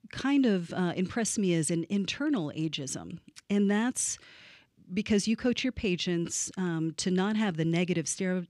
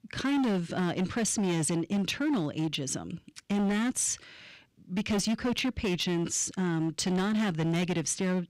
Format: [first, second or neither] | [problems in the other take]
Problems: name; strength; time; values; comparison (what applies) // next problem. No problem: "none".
first | distortion; slight; 18% of the sound clipped